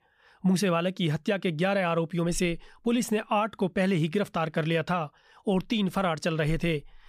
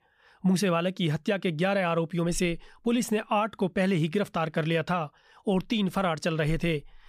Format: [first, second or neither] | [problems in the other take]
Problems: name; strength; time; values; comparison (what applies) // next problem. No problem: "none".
neither | none